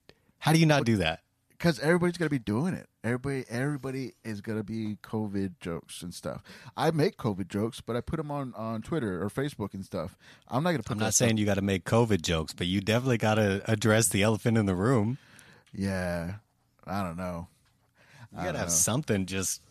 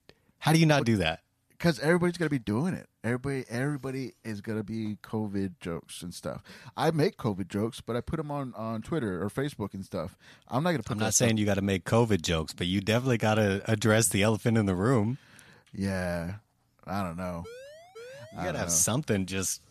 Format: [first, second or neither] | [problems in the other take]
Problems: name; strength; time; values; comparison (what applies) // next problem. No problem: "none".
first | siren; faint; from 17 to 18 s; peak 20 dB below the speech